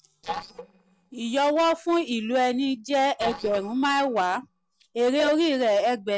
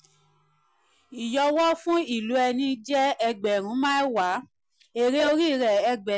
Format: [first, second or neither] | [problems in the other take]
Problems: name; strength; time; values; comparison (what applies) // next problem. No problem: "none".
second | noise reduction (neural separator model SepFormer DNS4)